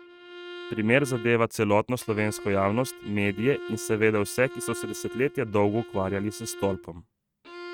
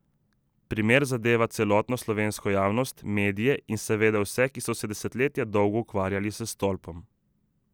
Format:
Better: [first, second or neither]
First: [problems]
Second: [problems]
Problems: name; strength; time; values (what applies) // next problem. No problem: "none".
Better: second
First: noise reduction (neural mask model RNNoise)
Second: none